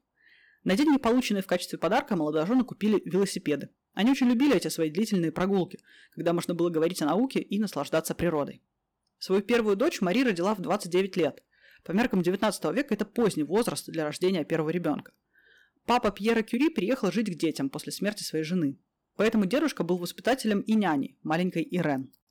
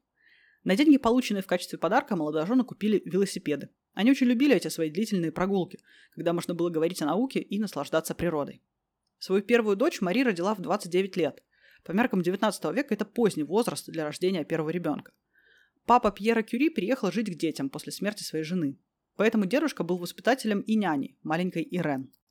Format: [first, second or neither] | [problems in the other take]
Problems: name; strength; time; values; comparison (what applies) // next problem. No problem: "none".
second | distortion; slight; 5% of the sound clipped